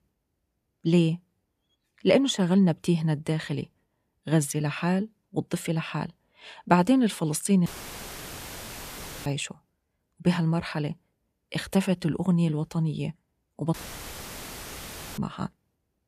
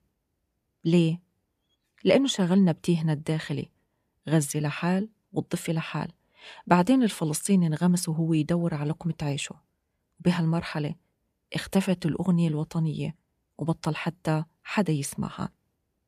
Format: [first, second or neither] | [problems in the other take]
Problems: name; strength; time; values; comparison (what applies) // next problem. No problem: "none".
second | audio cutting out; filled with static; at 7.5 s for 1.5 s and at 14 s for 1.5 s